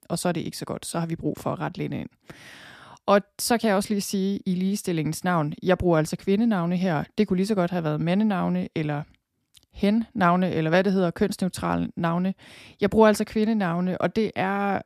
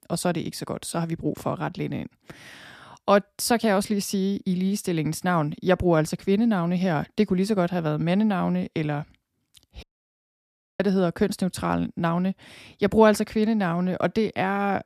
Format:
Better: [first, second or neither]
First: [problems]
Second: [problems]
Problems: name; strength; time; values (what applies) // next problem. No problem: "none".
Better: first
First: none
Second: audio cutting out; at 10 s for 1 s